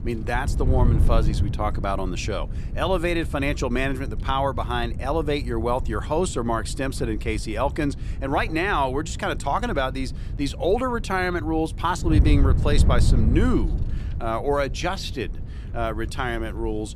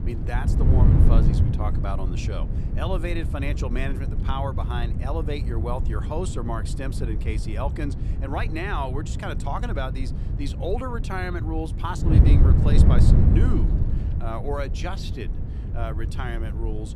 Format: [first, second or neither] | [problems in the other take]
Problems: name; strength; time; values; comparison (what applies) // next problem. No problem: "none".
first | wind noise on the microphone; heavy; 4 dB below the speech; occasional gusts in the first